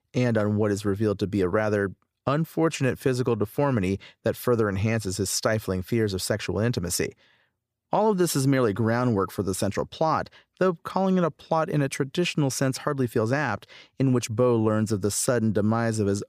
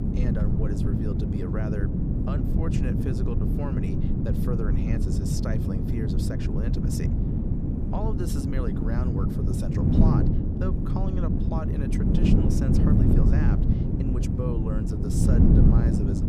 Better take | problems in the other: first | wind noise on the microphone; heavy; 4 dB above the speech

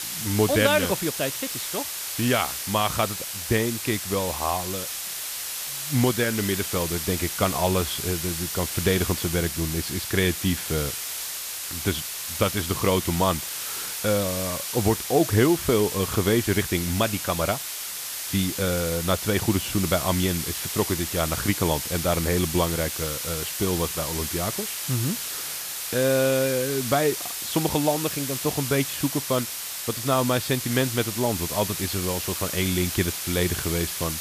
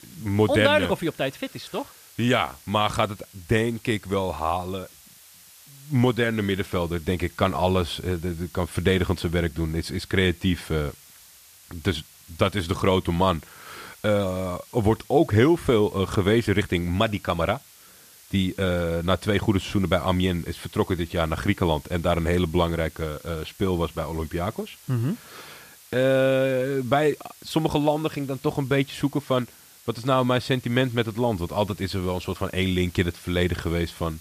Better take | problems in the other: second | hiss; loud; throughout; 3 dB below the speech; faint in the second

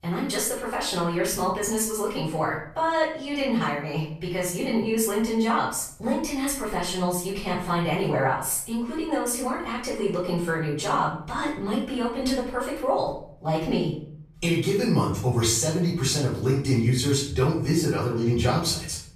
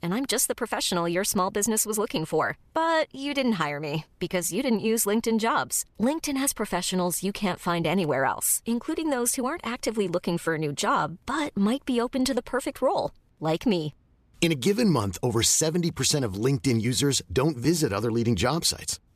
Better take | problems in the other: second | off-mic speech; far // room echo; noticeable; dies away in 0.5 s

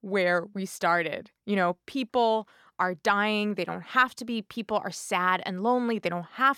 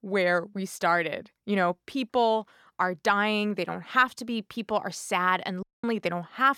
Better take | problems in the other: first | audio cutting out; at 5.5 s

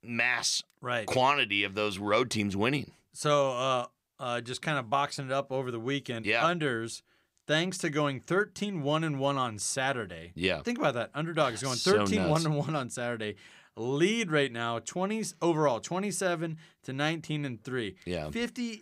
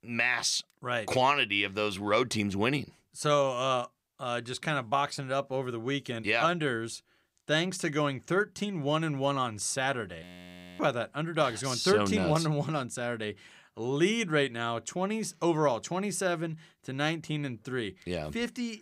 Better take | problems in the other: first | audio freezing; at 10 s for 0.5 s

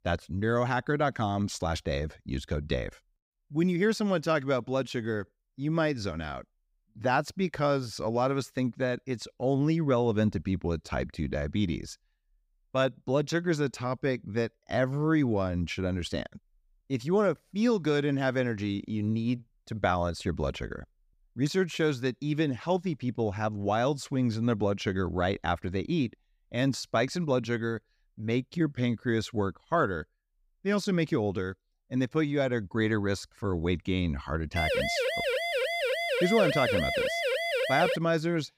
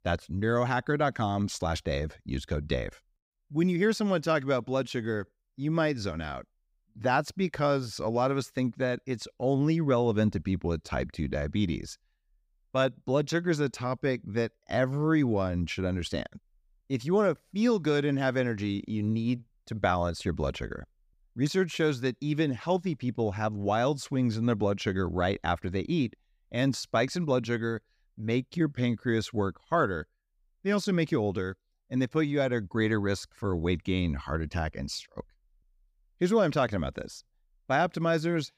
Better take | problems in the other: second | siren; loud; from 35 to 38 s; peak 1 dB above the speech

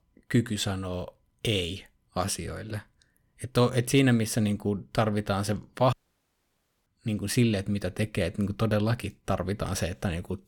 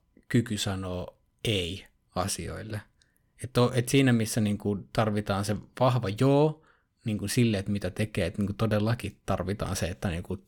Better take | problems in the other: second | audio cutting out; at 6 s for 1 s

